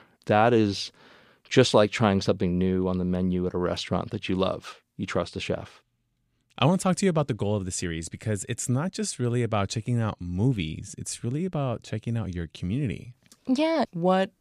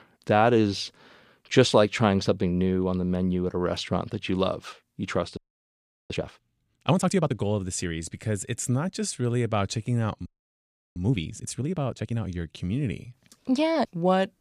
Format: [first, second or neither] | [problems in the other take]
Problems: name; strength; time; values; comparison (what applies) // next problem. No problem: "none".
first | audio freezing; at 5.5 s for 0.5 s and at 10 s for 0.5 s